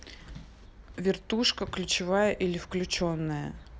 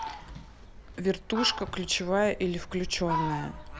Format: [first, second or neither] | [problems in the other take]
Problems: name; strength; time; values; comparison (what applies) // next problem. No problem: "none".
first | background sound (Fowl); 8 dB below the speech